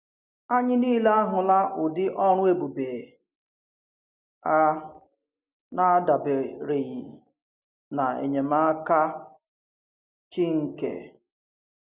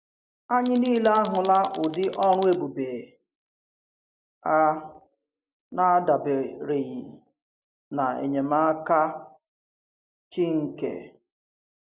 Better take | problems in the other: first | background sound (Tools); 20 dB below the speech

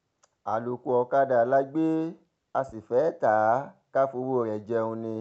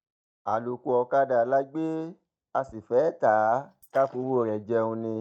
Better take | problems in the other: first | noise reduction (neural mask model DeepFilterNet 3)

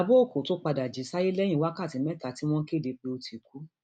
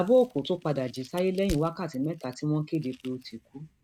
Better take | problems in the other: first | noise reduction (neural mask model RNNoise)

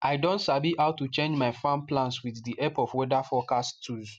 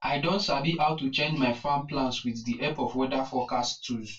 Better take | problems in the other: first | room echo; dies away in 0.2 s

